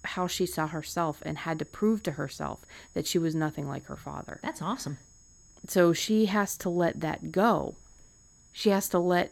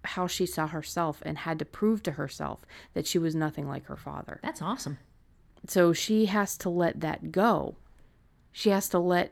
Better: second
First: high-pitched whine; faint; throughout; 6.5 kHz, 25 dB below the speech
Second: none

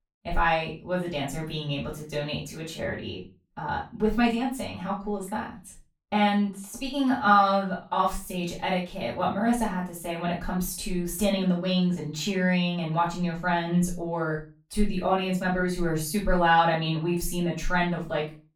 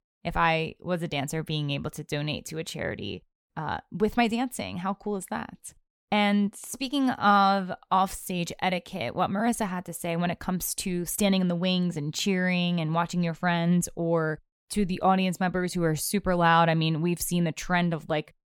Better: second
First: off-mic speech; far // room echo; slight; dies away in 0.3 s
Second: none

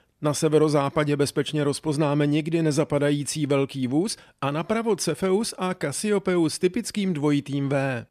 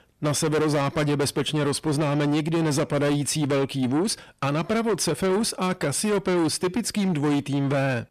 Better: first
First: none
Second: distortion; heavy; 8 dB below the speech

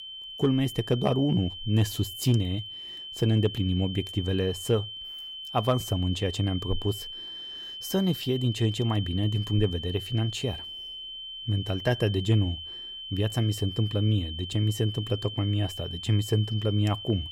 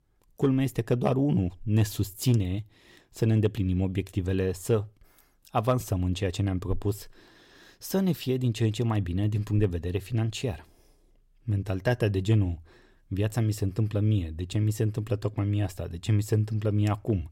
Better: second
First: high-pitched whine; loud; throughout; 3 kHz, 9 dB below the speech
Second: none

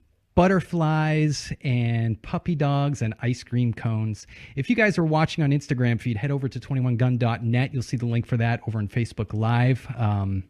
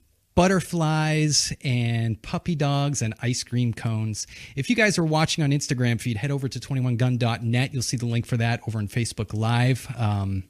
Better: second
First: muffled; slightly; fading above 4 kHz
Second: none

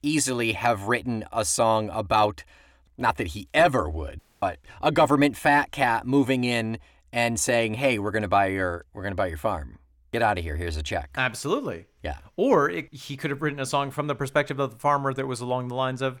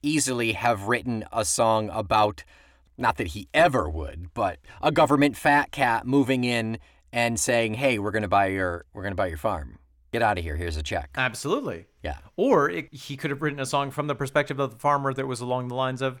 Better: second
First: audio cutting out; at 4 s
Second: none

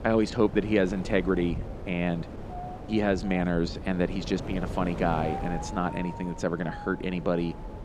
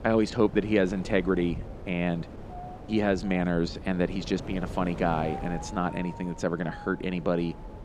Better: second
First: wind noise on the microphone; heavy; 10 dB below the speech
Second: wind noise on the microphone; occasional gusts; 15 dB below the speech

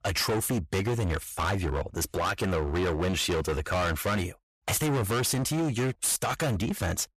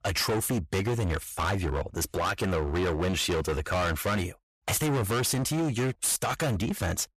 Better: neither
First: distortion; heavy; 27% of the sound clipped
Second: distortion; heavy; 27% of the sound clipped

